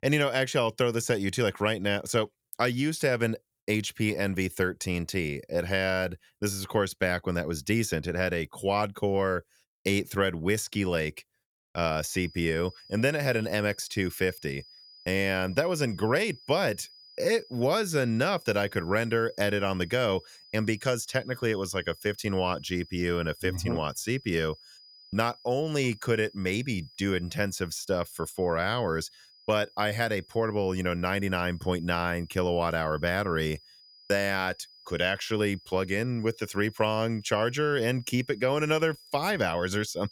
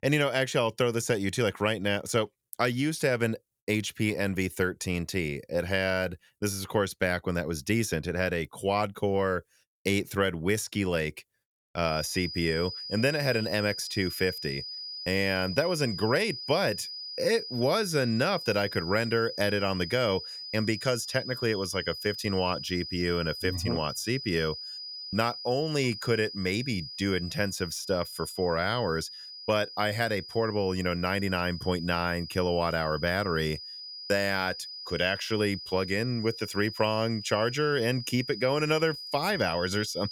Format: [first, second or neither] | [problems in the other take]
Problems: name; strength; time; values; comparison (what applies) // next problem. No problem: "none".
first | high-pitched whine; loud; from 12 s on; 5 kHz, 9 dB below the speech; faint in the first